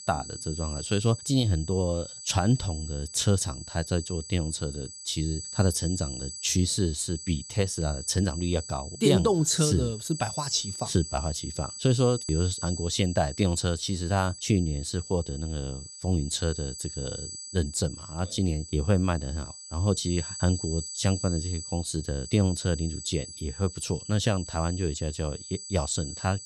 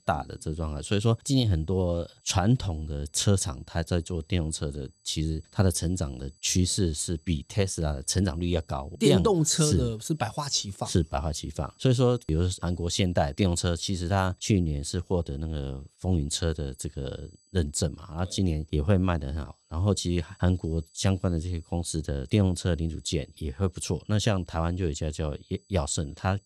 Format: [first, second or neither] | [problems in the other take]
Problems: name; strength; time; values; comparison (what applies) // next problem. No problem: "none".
second | high-pitched whine; loud; throughout; 8 kHz, 10 dB below the speech; faint in the second